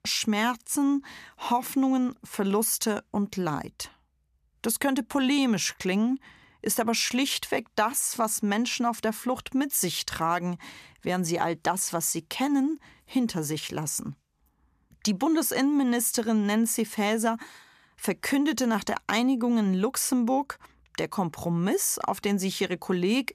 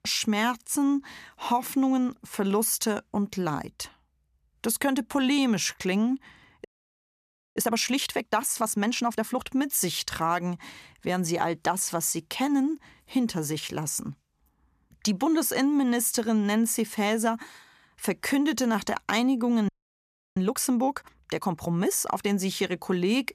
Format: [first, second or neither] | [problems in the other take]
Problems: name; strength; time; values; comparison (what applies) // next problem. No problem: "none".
first | audio freezing; at 6.5 s for 1 s and at 20 s for 0.5 s